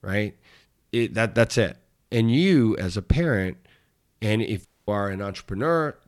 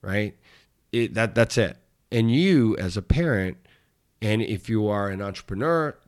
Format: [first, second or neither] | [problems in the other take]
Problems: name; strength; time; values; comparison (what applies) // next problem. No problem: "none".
second | audio cutting out; at 4.5 s